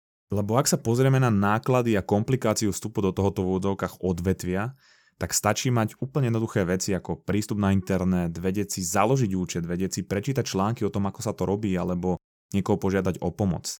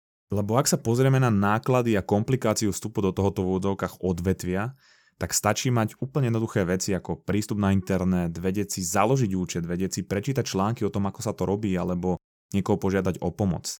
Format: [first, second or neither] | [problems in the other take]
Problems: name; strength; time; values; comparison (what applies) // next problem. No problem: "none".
neither | none